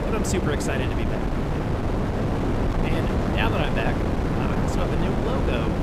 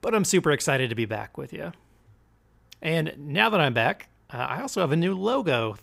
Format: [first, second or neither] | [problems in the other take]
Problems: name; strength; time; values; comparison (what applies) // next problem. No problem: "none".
second | wind noise on the microphone; heavy; 2 dB above the speech